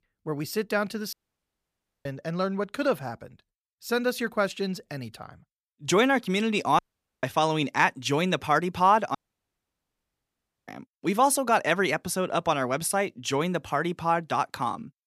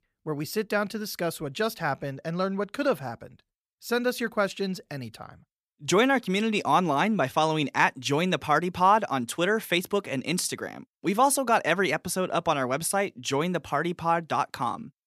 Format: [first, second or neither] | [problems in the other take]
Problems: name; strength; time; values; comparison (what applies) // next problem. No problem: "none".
second | audio cutting out; at 1 s for 1 s, at 7 s and at 9 s for 1.5 s